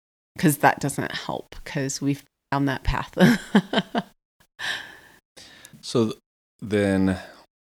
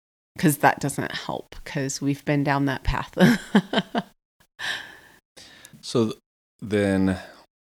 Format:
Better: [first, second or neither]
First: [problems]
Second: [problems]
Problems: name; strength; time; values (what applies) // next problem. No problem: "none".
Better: second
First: audio cutting out; at 2.5 s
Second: none